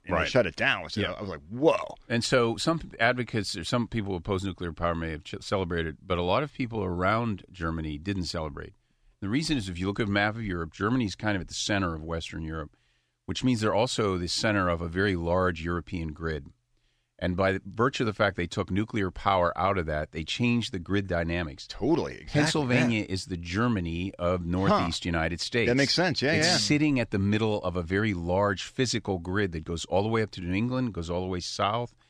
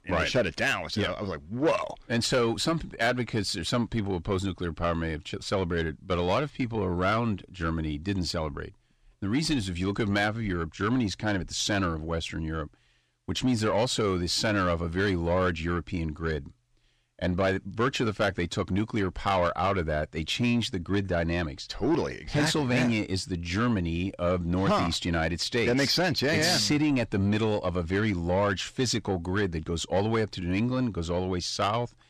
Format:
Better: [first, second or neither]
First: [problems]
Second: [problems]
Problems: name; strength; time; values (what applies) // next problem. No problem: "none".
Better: first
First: none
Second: distortion; slight; 10 dB below the speech